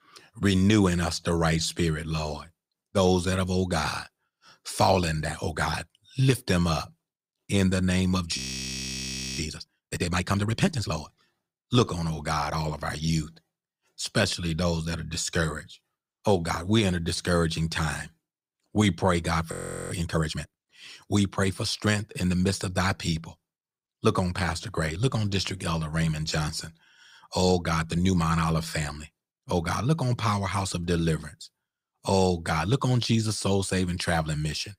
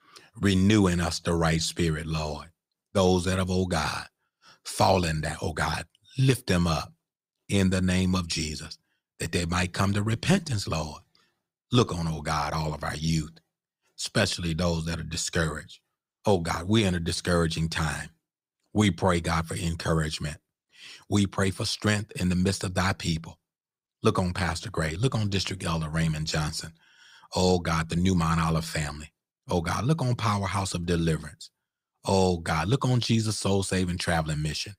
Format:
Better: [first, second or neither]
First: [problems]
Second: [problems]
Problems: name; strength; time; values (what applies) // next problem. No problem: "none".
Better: second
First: audio freezing; at 8.5 s for 1 s and at 20 s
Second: none